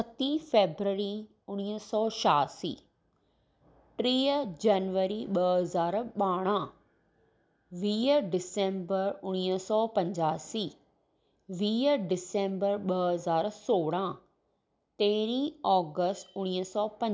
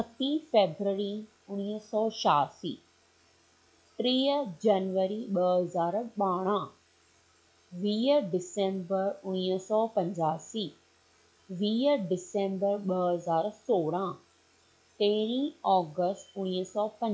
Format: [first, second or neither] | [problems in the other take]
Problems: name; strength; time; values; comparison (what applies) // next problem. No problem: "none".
first | noise reduction (classical method log-MMSE)